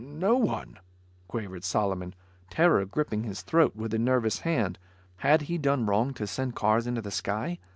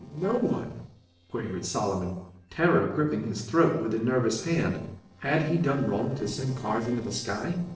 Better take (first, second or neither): first